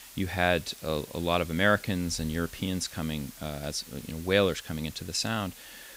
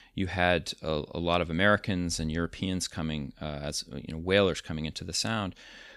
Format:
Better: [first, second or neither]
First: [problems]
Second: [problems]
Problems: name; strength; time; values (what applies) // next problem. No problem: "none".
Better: second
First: hiss; noticeable; throughout; 15 dB below the speech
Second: none